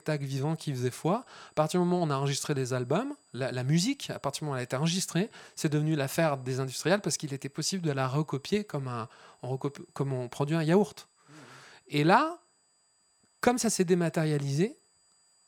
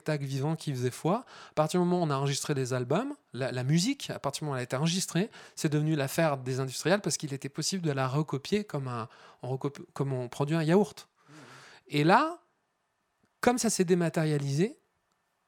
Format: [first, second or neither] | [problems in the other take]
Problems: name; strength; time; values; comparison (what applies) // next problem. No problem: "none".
second | high-pitched whine; faint; throughout; 8 kHz, 35 dB below the speech